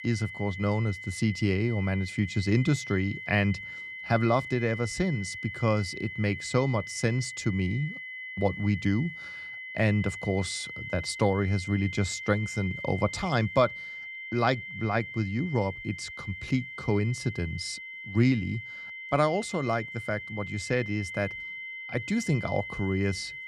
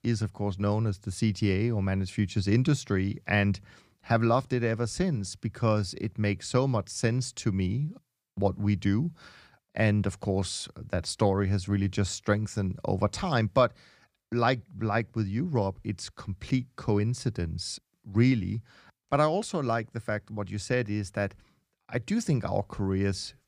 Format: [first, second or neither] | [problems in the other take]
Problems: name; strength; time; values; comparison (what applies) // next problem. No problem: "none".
second | high-pitched whine; loud; throughout; 2 kHz, 9 dB below the speech